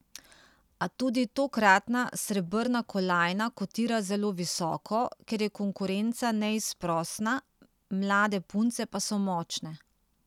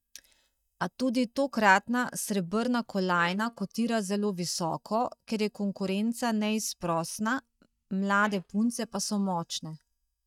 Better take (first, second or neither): first